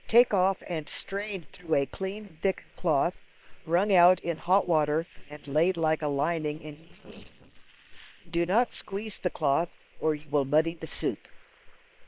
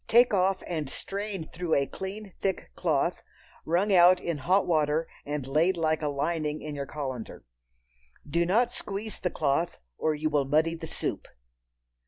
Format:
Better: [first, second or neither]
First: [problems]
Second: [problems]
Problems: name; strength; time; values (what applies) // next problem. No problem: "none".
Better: second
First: noise reduction (neural separator model SepFormer WHAM!)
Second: none